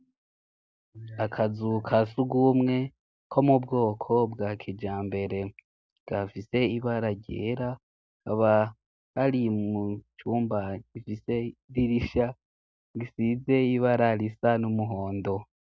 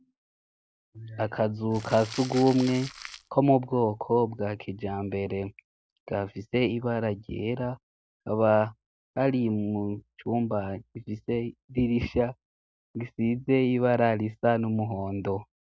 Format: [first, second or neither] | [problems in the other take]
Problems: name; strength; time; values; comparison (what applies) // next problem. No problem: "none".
first | background sound (Crumpling, crinkling); 14 dB below the speech